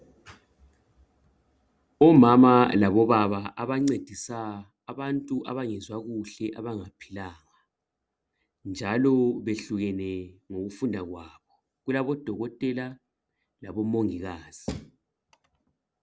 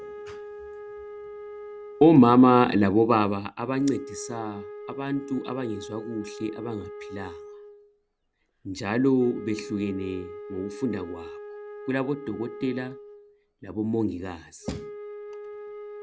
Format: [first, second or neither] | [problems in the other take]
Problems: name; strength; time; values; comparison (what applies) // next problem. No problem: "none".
first | background sound (Wind instrument, woodwind instrument); 15 dB below the speech